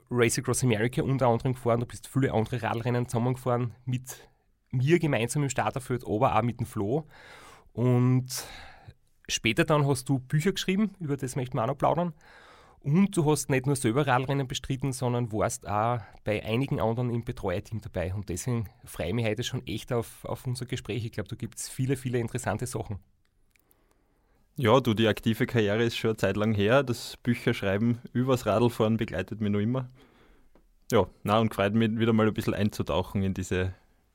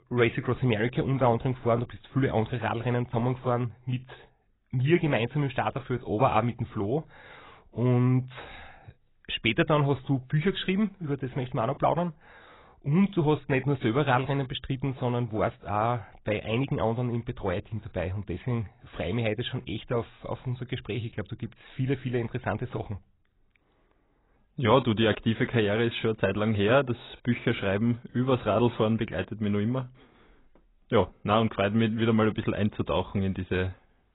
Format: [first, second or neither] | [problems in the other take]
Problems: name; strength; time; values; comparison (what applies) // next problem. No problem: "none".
first | garbled, watery; badly; nothing above 4 kHz